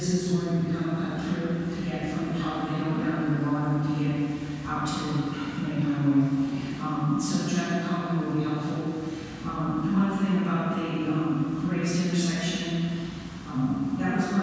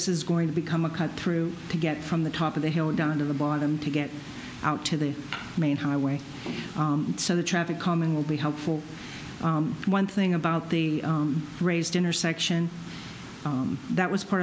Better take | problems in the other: second | room echo; dies away in 2.1 s

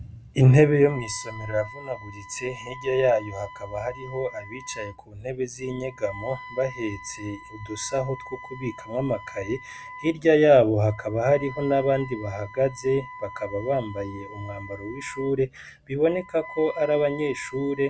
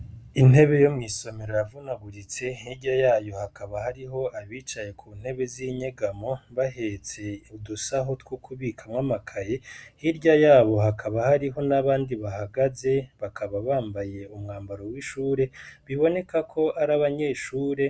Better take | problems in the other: second | background sound (Wind instrument, woodwind instrument); 17 dB below the speech

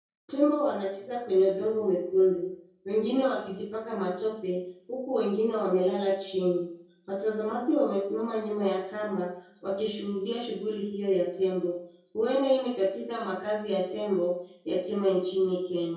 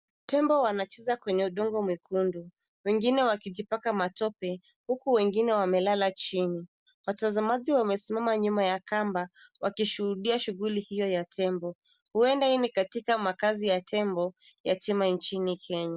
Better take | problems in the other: second | room echo; dies away in 0.6 s

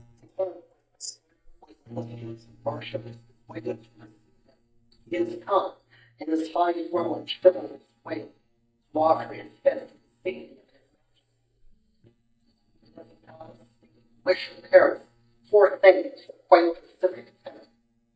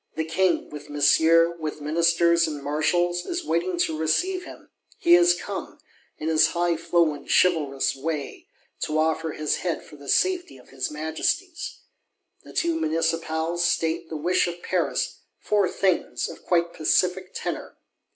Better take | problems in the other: second | noise reduction (neural mask model DeepFilterNet 3)

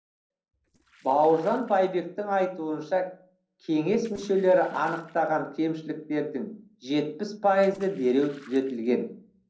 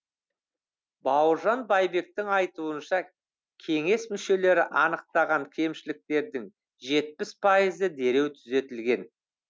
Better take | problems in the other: second | noise reduction (neural separator model SepFormer DNS4)

